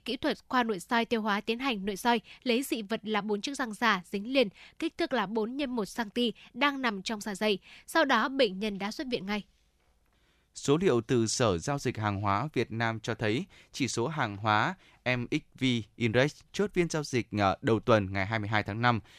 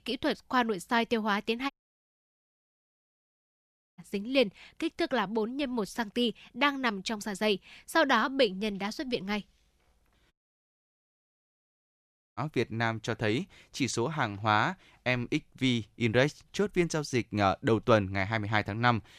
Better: first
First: none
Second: audio cutting out; at 1.5 s for 2.5 s and at 10 s for 2 s

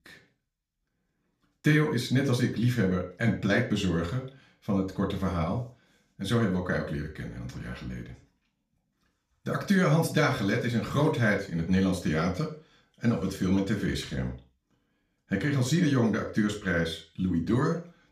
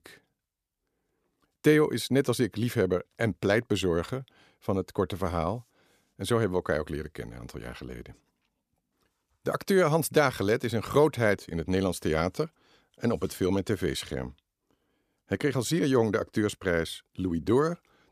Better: second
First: room echo; slight; dies away in 0.4 s // off-mic speech; far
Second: none

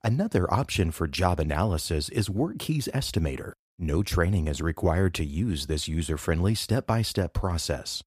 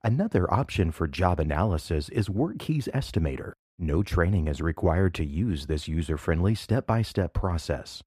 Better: first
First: none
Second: muffled; slightly; fading above 3.5 kHz

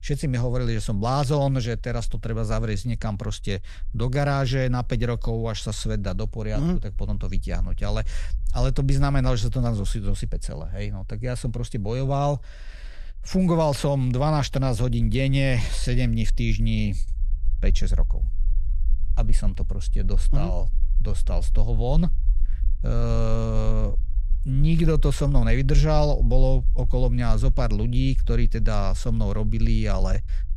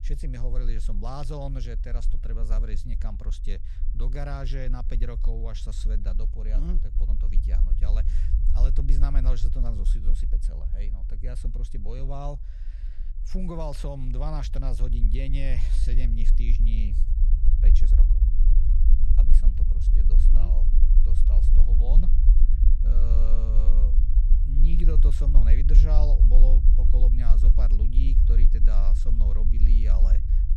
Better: first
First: low rumble; faint; throughout; 25 dB below the speech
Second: low rumble; loud; throughout; 5 dB below the speech

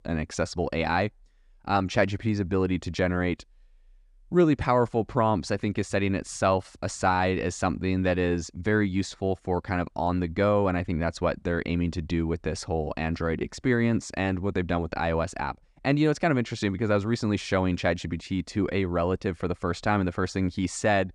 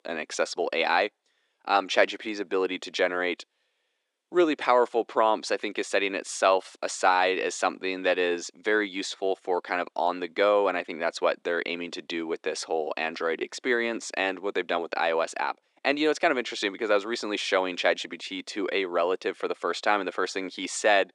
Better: first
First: none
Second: thin; somewhat; fading below 350 Hz

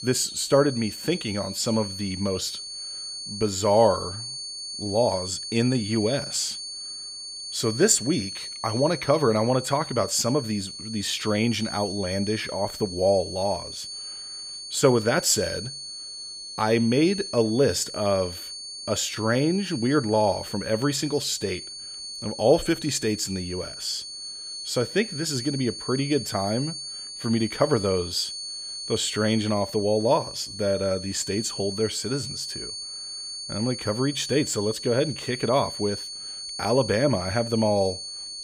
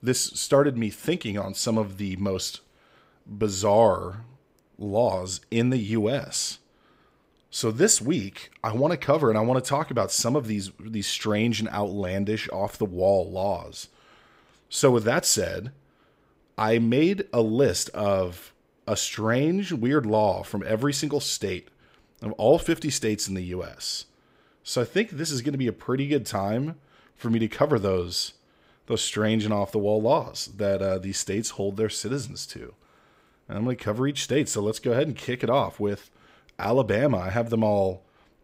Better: second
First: high-pitched whine; loud; throughout; 4.5 kHz, 8 dB below the speech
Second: none

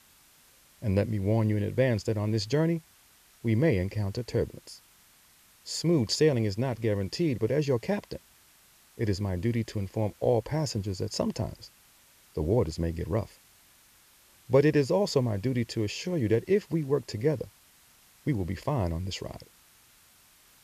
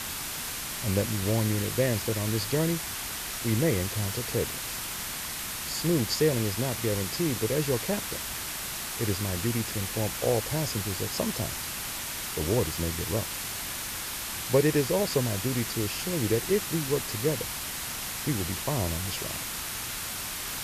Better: first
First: hiss; faint; throughout; 30 dB below the speech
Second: hiss; loud; throughout; 2 dB below the speech

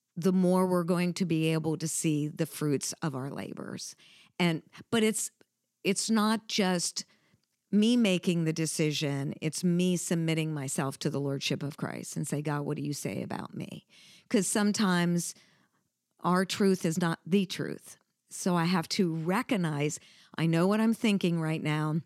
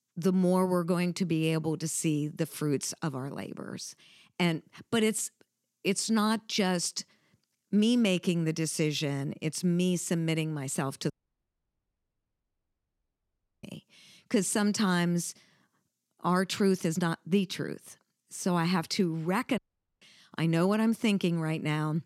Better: first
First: none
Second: audio cutting out; at 11 s for 2.5 s and at 20 s

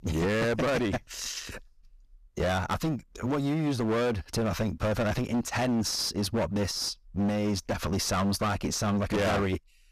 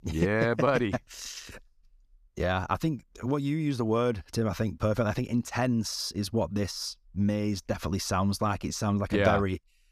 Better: second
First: distortion; heavy; 23% of the sound clipped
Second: none

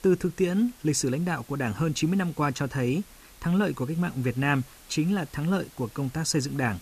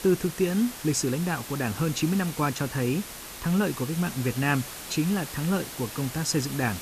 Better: first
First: hiss; faint; throughout; 25 dB below the speech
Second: hiss; loud; throughout; 10 dB below the speech

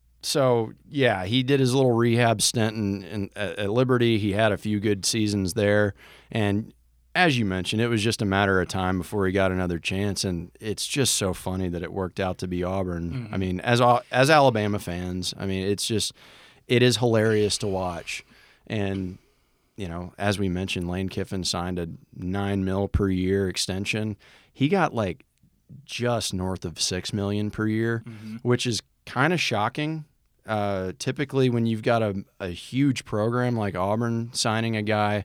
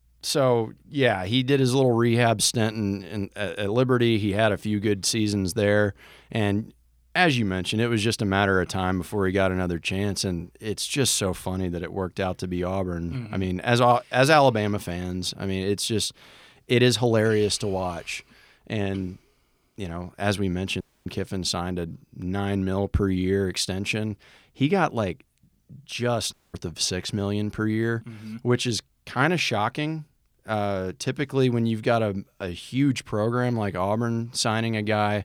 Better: first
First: none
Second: audio cutting out; at 21 s and at 26 s

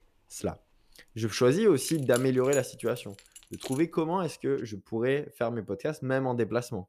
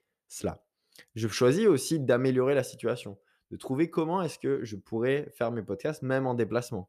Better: second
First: jangling keys; noticeable; from 2 to 4 s; peak 9 dB below the speech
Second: none

